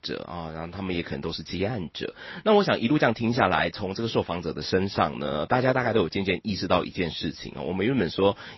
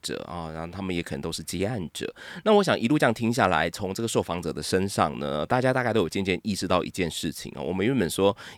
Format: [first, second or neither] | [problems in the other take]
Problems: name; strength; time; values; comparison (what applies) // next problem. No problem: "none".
second | garbled, watery; slightly; nothing above 5.5 kHz